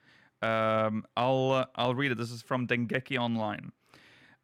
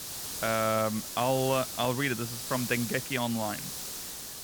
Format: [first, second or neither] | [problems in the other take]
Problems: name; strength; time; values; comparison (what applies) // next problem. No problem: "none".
first | hiss; loud; throughout; 6 dB below the speech